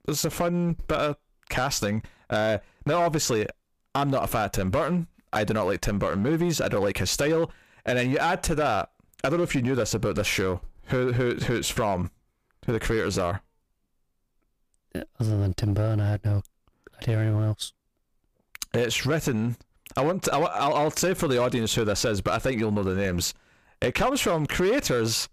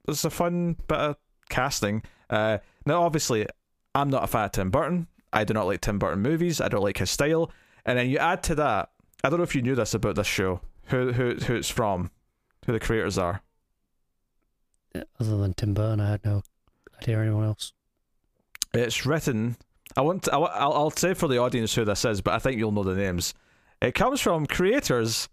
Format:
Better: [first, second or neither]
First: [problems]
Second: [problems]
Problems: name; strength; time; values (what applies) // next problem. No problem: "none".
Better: second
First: distortion; slight; 7% of the sound clipped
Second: none